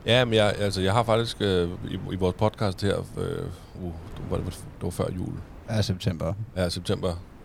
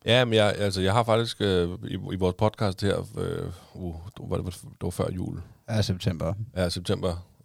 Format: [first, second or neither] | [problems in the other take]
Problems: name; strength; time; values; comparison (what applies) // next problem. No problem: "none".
second | wind noise on the microphone; occasional gusts; 25 dB below the speech